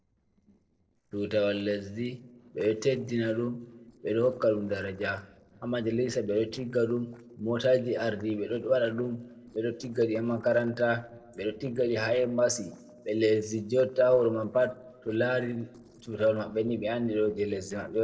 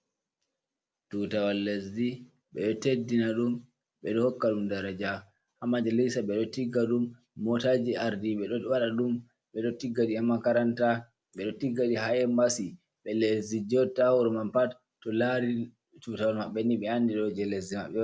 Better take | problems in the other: second | noise reduction (neural separator model SepFormer DNS4)

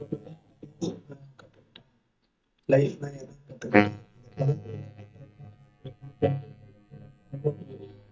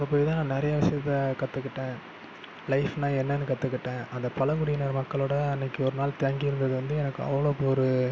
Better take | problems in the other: second | noise reduction (neural mask model DeepFilterNet 3)

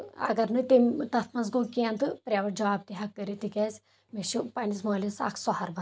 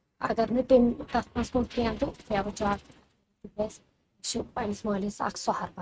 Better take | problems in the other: first | noise reduction (neural mask model RNNoise)

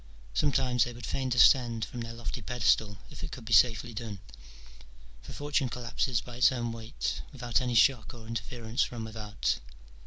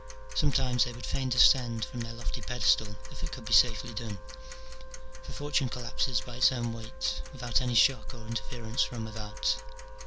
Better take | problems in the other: first | background sound (Wind instrument, woodwind instrument + Tick-tock); 19 dB below the speech

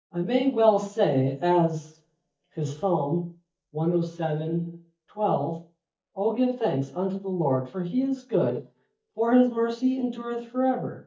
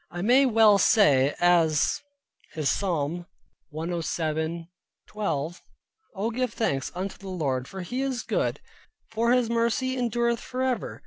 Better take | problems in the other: second | noise reduction (neural mask model DeepFilterNet 3)

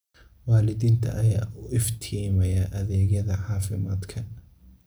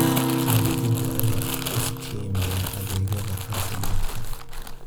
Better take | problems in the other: first | background sound (Crumpling, crinkling + Acoustic guitar); 3 dB above the speech

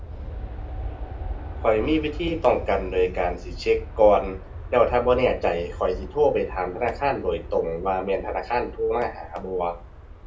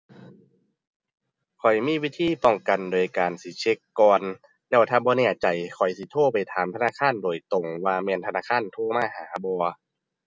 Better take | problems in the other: second | background sound (Aircraft); 11 dB below the speech // room echo; dies away in 0.3 s

